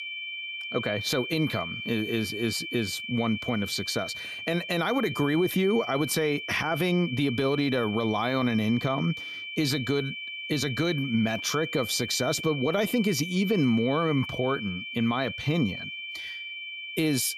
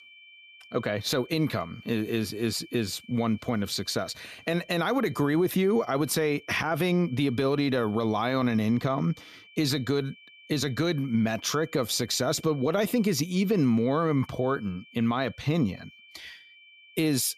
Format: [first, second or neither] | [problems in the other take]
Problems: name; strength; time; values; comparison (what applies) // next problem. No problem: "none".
second | high-pitched whine; loud; throughout; 2.5 kHz, 7 dB below the speech; faint in the second